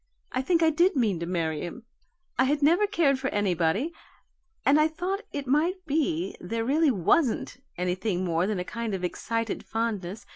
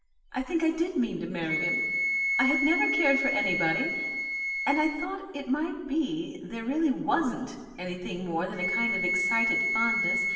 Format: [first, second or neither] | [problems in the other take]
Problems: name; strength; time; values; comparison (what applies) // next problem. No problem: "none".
first | background sound (Wind instrument, woodwind instrument); 1 dB below the speech // room echo; dies away in 1.2 s